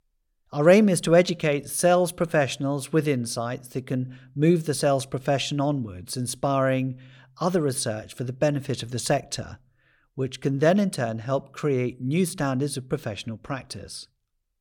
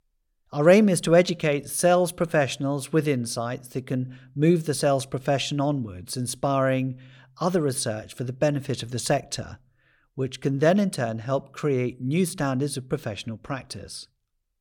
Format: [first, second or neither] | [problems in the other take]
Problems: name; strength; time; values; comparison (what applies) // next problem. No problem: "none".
neither | none